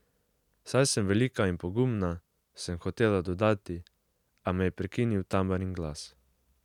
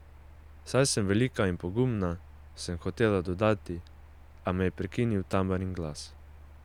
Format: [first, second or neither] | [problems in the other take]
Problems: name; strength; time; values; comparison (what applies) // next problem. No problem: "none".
first | background sound (Mechanical fan); 19 dB below the speech